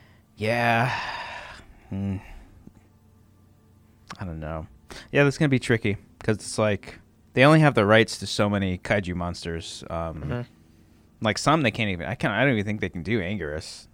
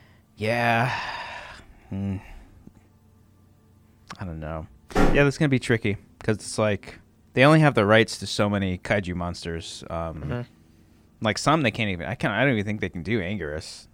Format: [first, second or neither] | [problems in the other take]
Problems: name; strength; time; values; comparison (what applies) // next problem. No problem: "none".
first | door banging; loud; at 5 s; peak 1 dB above the speech